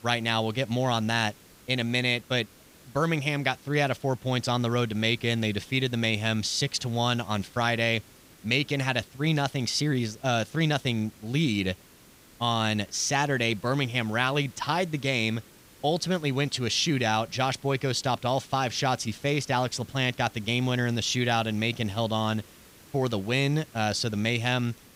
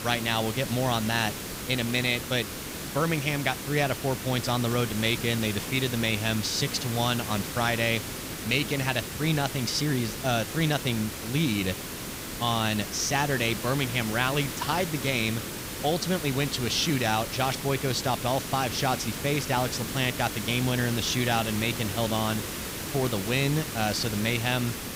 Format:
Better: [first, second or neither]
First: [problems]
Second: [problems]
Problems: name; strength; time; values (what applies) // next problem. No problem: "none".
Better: first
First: hiss; faint; throughout; 25 dB below the speech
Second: hiss; loud; throughout; 6 dB below the speech